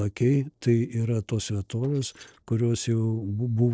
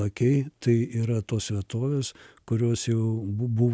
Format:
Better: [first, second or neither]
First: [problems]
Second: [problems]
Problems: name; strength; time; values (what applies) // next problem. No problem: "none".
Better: second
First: noise reduction (neural separator model SepFormer DNS4)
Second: none